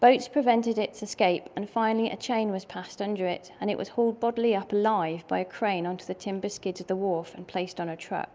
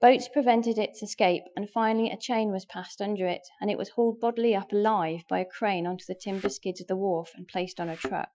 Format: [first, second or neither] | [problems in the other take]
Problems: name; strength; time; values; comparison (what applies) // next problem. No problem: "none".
first | noise reduction (classical method Wiener filter)